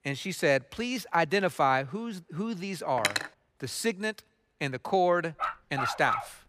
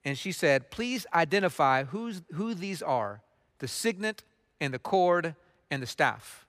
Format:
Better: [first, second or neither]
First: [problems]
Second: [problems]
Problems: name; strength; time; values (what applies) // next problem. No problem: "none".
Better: second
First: clattering dishes; loud; at 3 s; peak level with the speech // dog barking; noticeable; at 5.5 s; peak 1 dB below the speech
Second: none